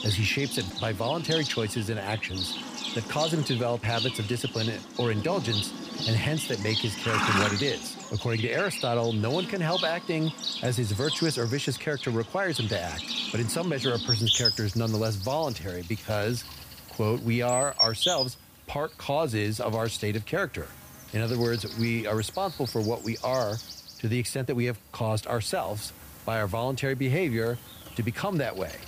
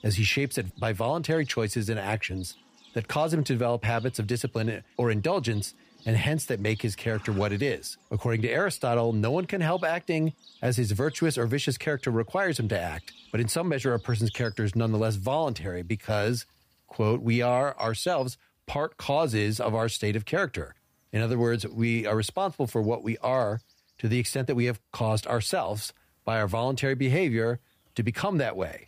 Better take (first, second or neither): second